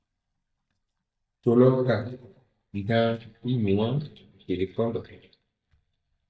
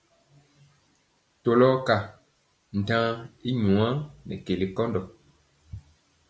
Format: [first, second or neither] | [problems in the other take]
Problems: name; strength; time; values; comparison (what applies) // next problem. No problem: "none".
second | noise reduction (neural mask model DeepFilterNet 3)